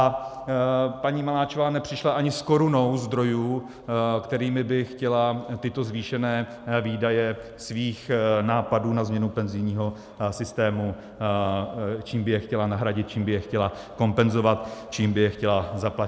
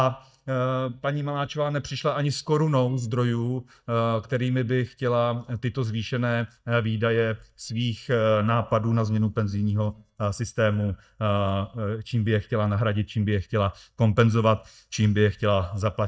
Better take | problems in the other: first | noise reduction (neural mask model DeepFilterNet 3)

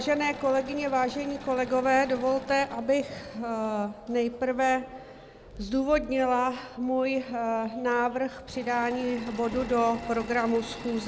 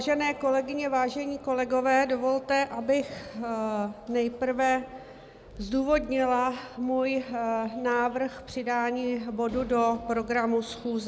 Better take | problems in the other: second | background sound (Engine / Mechanisms); 18 dB below the speech

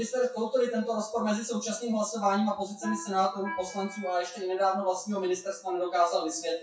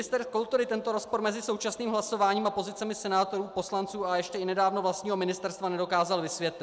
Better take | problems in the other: second | noise reduction (classical method WPE with log-MMSE)

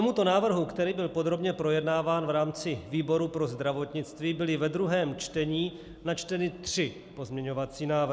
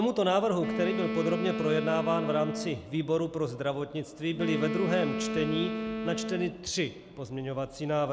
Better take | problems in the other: first | background sound (Wind instrument, woodwind instrument); 5 dB below the speech

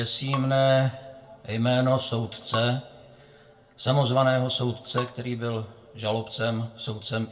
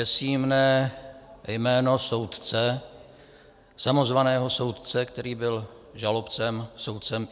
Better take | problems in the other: second | background sound (Bowed string instrument); 17 dB below the speech // room echo; dies away in 0.2 s

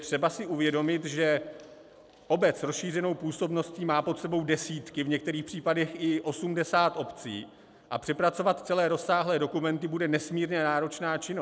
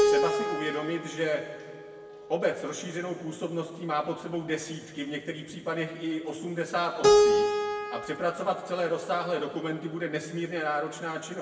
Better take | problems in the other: first | background sound (Keyboard (musical)); 1 dB above the speech // room echo; dies away in 1.5 s

